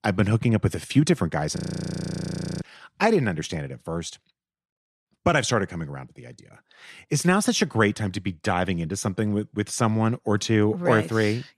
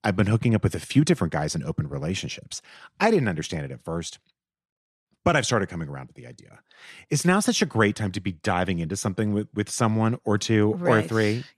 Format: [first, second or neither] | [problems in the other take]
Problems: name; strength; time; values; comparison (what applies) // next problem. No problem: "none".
second | audio freezing; at 1.5 s for 1 s